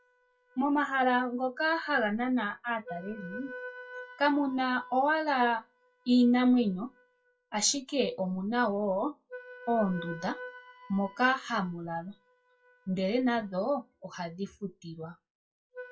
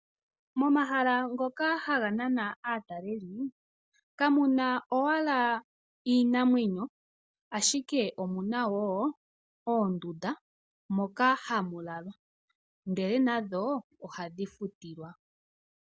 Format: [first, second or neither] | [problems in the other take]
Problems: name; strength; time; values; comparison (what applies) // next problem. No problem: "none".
second | noise reduction (classical method WPE with log-MMSE)